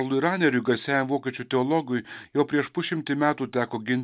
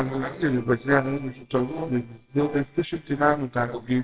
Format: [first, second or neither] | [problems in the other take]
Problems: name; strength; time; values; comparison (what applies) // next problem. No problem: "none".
first | noise reduction (neural separator model SepFormer WHAMR!)